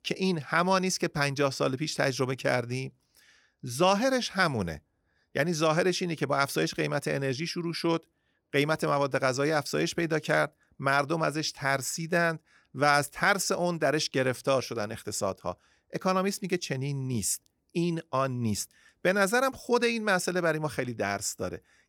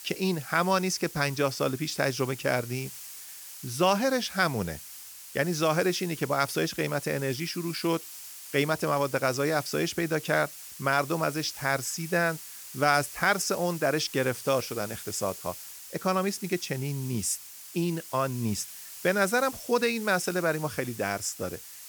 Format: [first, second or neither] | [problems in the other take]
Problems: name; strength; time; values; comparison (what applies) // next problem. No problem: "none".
first | hiss; noticeable; throughout; 15 dB below the speech